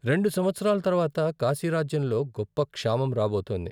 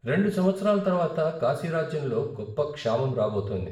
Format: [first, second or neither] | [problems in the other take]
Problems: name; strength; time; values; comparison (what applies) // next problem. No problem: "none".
first | room echo; dies away in 0.7 s